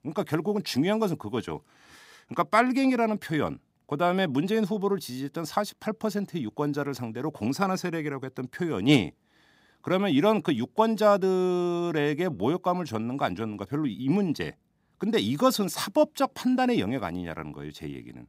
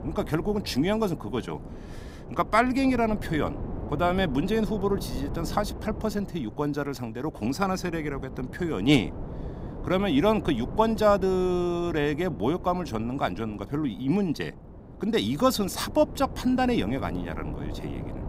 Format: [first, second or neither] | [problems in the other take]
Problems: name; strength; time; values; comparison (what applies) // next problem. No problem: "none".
first | wind noise on the microphone; occasional gusts; 15 dB below the speech